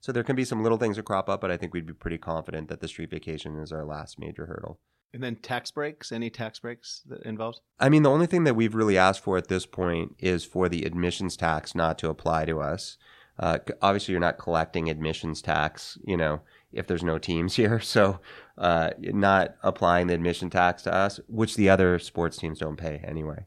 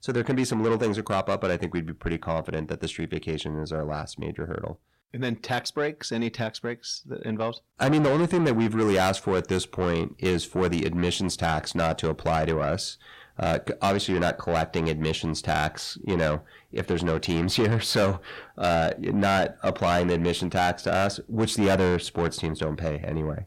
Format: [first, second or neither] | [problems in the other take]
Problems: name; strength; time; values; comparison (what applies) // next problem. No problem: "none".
first | distortion; heavy; 7 dB below the speech